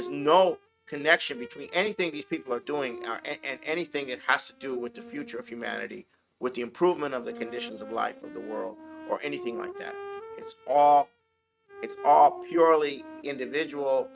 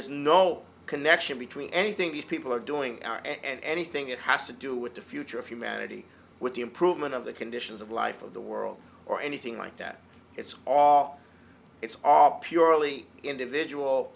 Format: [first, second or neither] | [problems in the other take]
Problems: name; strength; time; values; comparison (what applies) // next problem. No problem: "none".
second | noise reduction (neural mask model RNNoise)